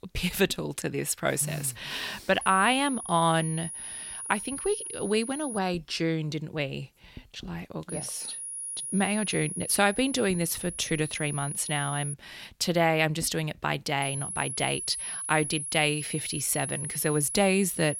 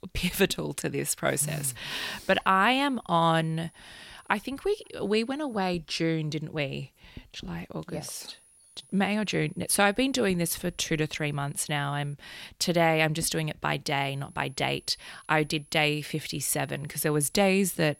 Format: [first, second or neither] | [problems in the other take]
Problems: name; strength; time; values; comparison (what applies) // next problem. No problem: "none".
second | high-pitched whine; loud; from 2.5 to 5.5 s, from 8 to 12 s and from 14 s on; 10.5 kHz, 6 dB below the speech; faint in the second